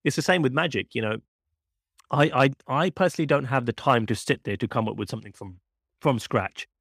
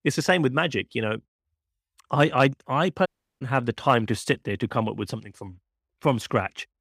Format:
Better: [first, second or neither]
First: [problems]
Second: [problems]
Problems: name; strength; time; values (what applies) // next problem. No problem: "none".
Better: first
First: none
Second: audio cutting out; at 3 s